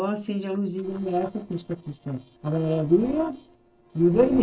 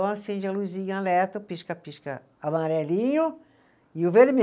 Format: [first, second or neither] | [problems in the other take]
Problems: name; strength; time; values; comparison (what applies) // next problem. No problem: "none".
second | noise reduction (neural separator model SepFormer DNS4)